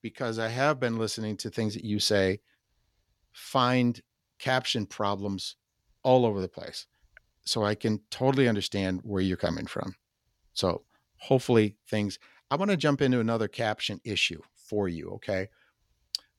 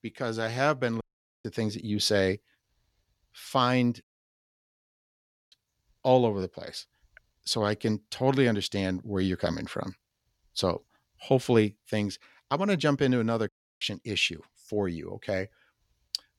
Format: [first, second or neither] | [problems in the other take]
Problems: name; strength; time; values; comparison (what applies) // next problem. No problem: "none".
first | audio cutting out; at 1 s, at 4 s for 1.5 s and at 13 s